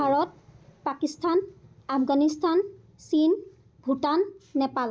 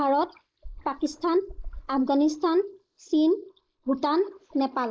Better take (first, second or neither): first